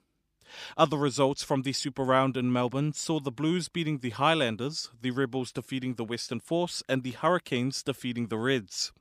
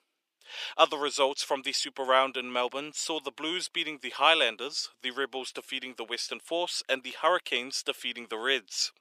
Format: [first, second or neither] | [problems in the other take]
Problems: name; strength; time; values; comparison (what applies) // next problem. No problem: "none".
first | thin; very; fading below 450 Hz